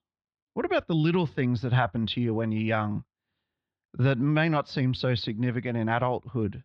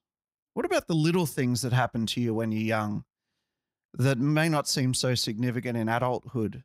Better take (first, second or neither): second